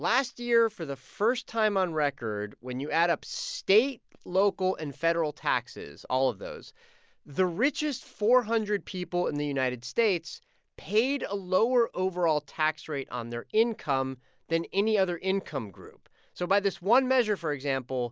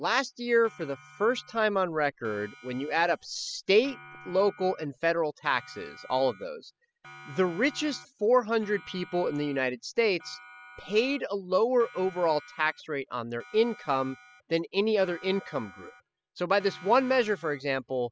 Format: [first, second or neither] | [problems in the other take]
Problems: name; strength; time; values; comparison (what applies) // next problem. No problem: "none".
first | noise reduction (classical method spectral subtraction)